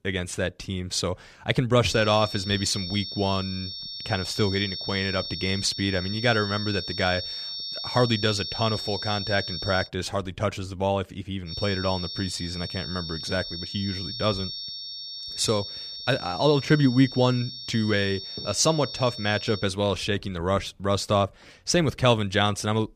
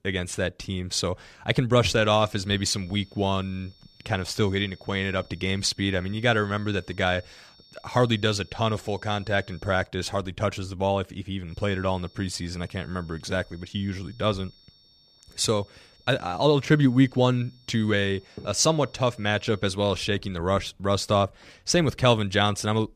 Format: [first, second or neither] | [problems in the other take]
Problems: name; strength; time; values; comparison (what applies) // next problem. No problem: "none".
second | high-pitched whine; loud; from 2 to 10 s and from 11 to 20 s; 5.5 kHz, 7 dB below the speech; faint in the second